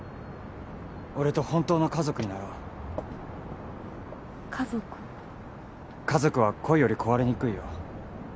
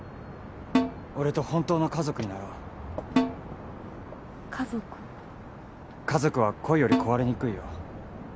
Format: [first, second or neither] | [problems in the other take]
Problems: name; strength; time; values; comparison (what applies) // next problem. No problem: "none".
first | background sound (Snare drum); 1 dB below the speech